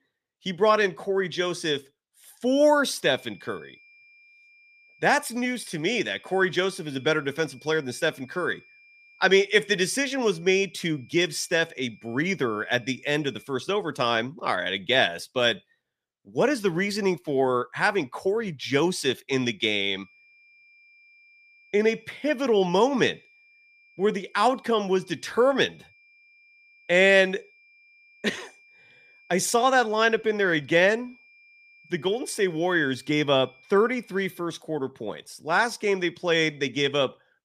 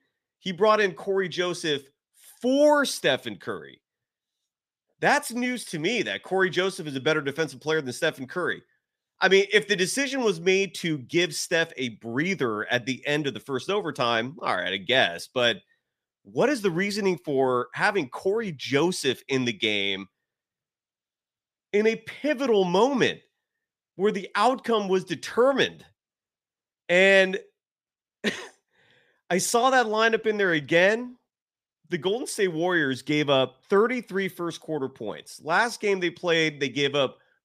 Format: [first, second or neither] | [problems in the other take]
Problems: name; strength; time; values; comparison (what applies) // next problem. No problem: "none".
second | high-pitched whine; faint; from 3 to 13 s and from 20 to 34 s; 2.5 kHz, 30 dB below the speech